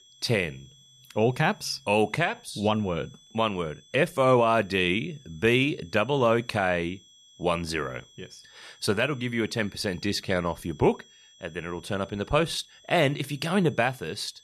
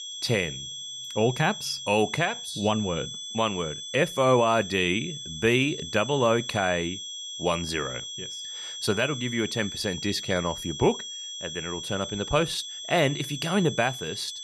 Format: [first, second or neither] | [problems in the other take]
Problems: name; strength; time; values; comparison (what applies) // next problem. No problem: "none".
first | high-pitched whine; loud; throughout; 3.5 kHz, 8 dB below the speech; faint in the first